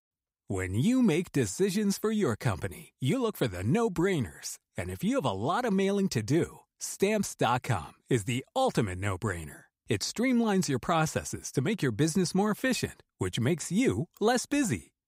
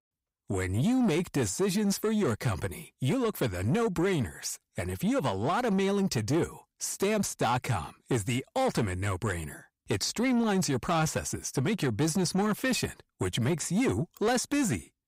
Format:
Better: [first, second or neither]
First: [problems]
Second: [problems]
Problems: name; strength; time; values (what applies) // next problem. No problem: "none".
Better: first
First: none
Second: distortion; slight; 10 dB below the speech